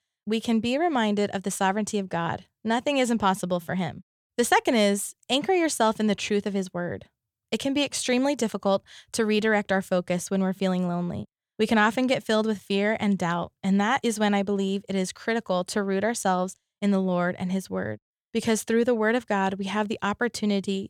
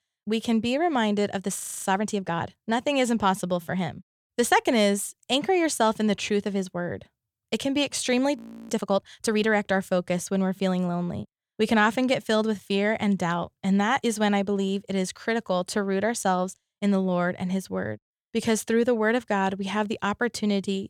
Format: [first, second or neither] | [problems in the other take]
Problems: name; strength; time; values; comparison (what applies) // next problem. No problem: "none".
first | audio freezing; at 1.5 s and at 8.5 s